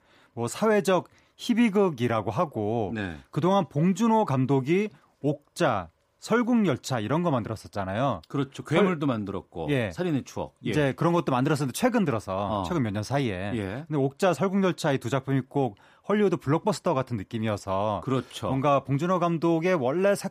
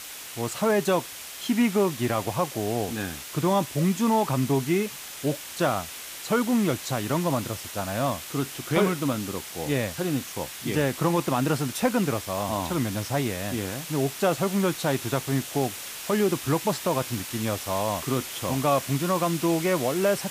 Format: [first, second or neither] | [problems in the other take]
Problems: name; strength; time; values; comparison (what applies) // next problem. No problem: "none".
first | hiss; loud; throughout; 9 dB below the speech